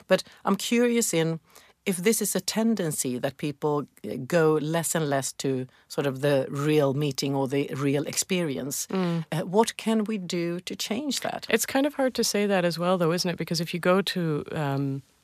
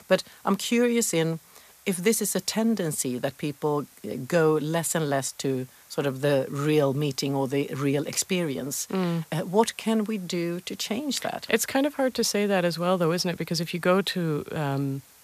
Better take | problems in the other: first | hiss; faint; throughout; 25 dB below the speech

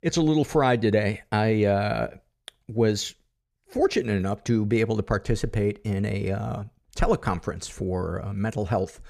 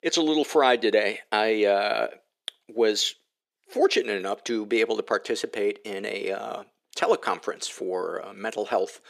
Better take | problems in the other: first | thin; very; fading below 300 Hz

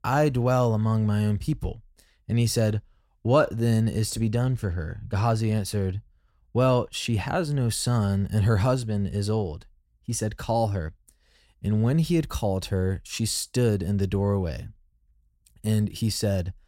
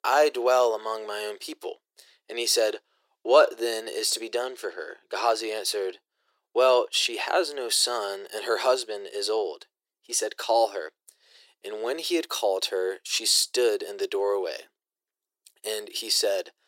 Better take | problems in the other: first | thin; very; fading below 350 Hz

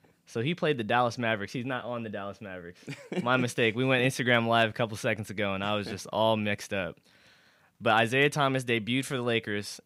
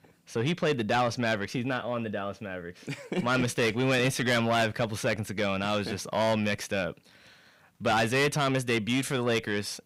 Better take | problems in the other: first | distortion; heavy; 8 dB below the speech

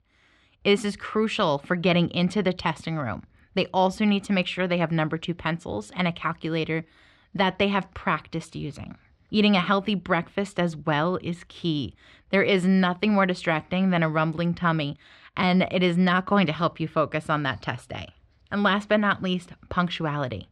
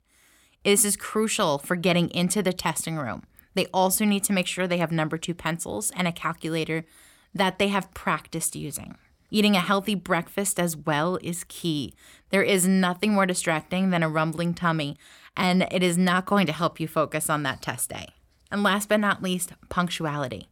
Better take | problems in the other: second | muffled; slightly; fading above 4 kHz

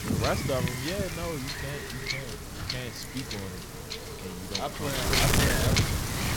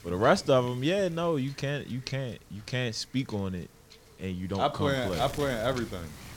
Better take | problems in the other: second | wind noise on the microphone; heavy; 5 dB above the speech; occasional gusts in the second

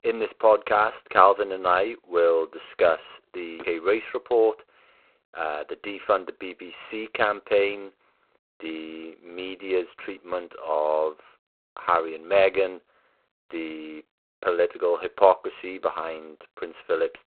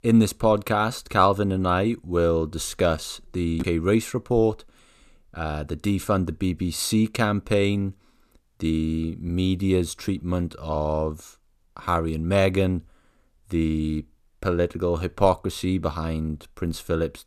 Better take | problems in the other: second | phone-call audio; poor line; nothing above 4 kHz

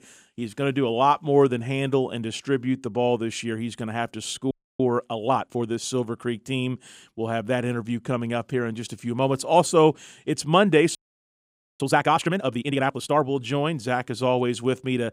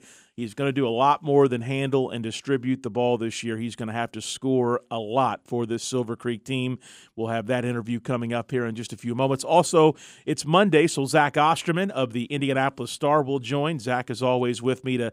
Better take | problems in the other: second | audio freezing; at 4.5 s and at 11 s for 1 s

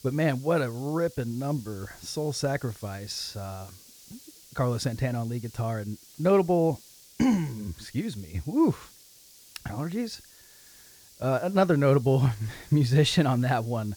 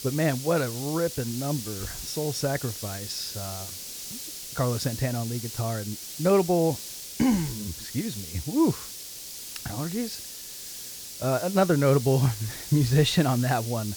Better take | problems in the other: first | hiss; loud; throughout; 9 dB below the speech; faint in the first

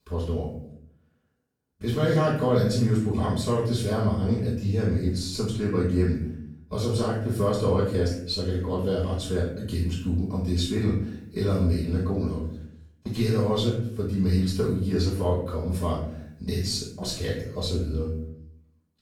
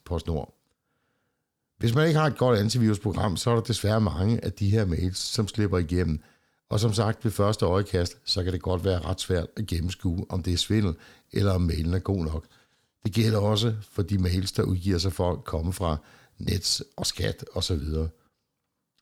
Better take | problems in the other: second | off-mic speech; far // room echo; noticeable; dies away in 0.6 s

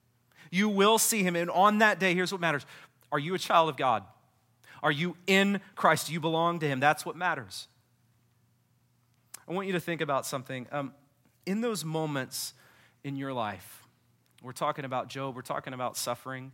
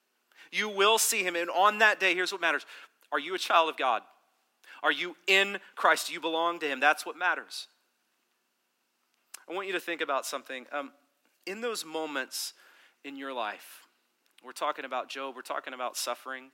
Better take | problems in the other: first | thin; somewhat; fading below 300 Hz

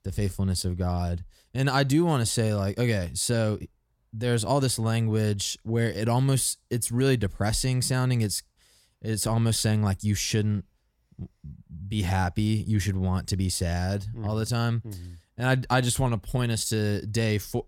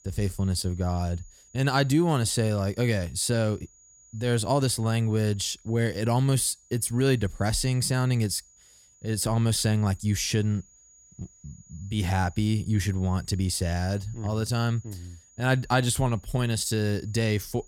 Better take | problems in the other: first | high-pitched whine; faint; throughout; 7 kHz, 30 dB below the speech

